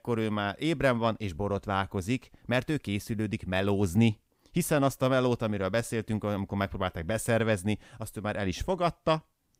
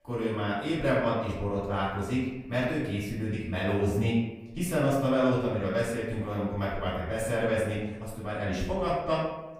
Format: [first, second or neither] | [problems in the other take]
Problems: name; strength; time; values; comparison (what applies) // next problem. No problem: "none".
first | off-mic speech; far // room echo; noticeable; dies away in 0.9 s